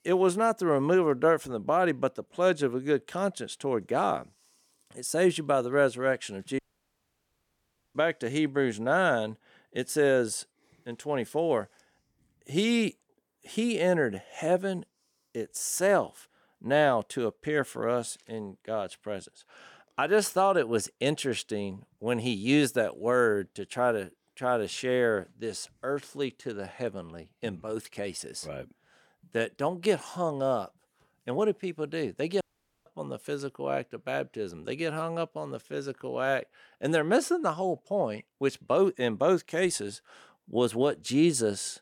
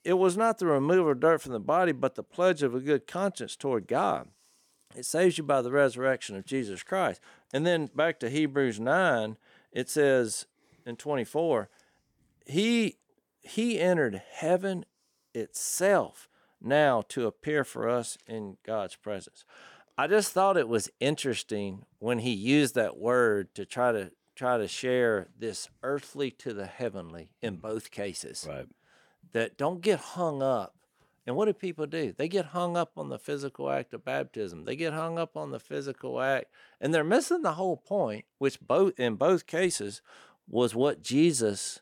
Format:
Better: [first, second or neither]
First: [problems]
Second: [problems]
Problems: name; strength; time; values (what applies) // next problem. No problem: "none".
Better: second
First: audio cutting out; at 6.5 s for 1.5 s and at 32 s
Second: none